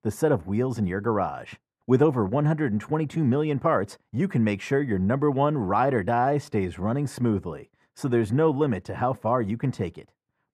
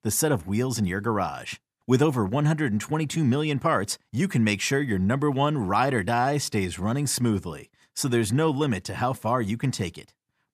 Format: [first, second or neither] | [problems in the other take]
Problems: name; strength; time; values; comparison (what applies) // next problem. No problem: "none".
second | muffled; very; fading above 2.5 kHz